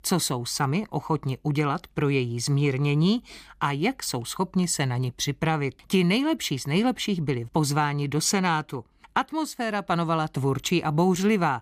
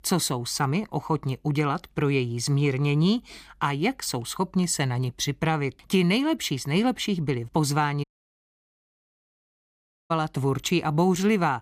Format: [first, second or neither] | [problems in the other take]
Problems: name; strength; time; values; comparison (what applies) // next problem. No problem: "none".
first | audio cutting out; at 8 s for 2 s